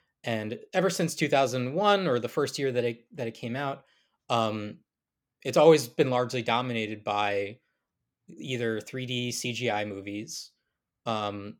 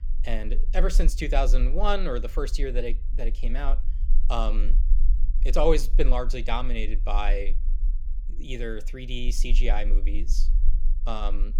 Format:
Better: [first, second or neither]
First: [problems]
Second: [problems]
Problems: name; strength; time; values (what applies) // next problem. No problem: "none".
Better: first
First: none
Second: low rumble; faint; throughout; 25 dB below the speech